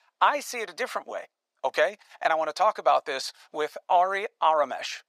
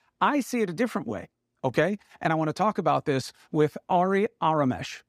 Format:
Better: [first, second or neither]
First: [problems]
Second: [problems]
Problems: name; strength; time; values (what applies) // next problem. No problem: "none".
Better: second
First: thin; very; fading below 900 Hz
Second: none